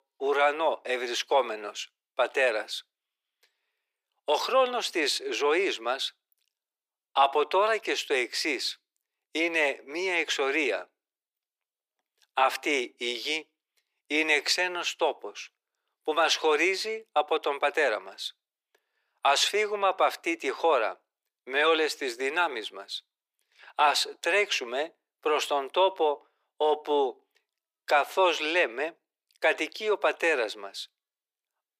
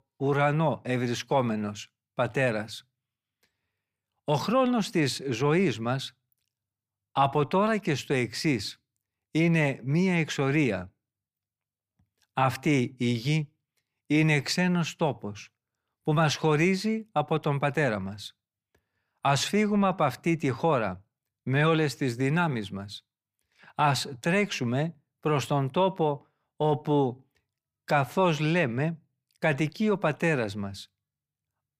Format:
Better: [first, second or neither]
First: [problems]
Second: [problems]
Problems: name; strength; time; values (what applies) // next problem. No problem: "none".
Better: second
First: thin; very; fading below 350 Hz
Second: none